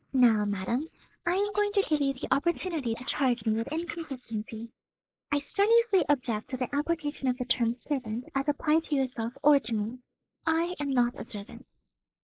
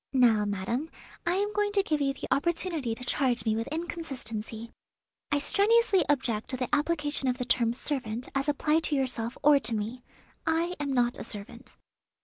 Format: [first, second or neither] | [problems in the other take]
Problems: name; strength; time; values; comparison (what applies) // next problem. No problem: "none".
second | noise reduction (neural mask model Resemble Enhance denoiser)